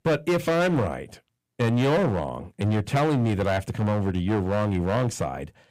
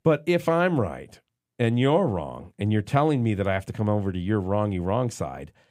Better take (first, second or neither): second